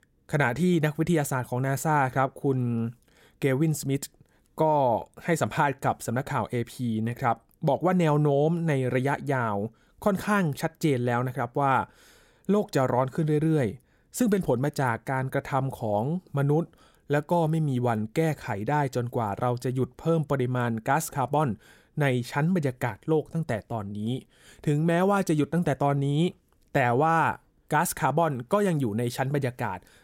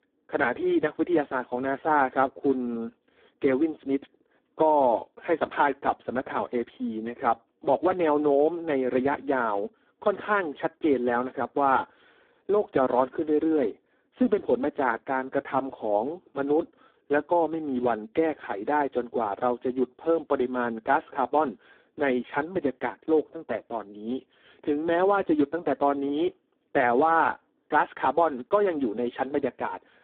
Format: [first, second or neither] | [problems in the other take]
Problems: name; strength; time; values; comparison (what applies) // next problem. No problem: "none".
first | phone-call audio; poor line; nothing above 3.5 kHz